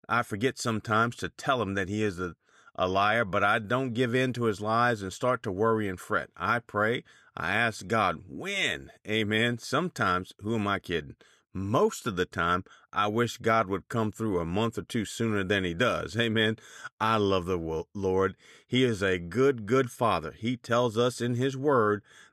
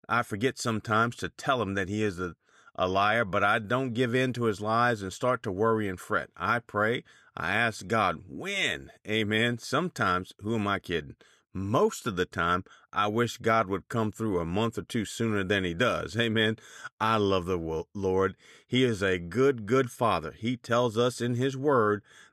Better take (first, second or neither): neither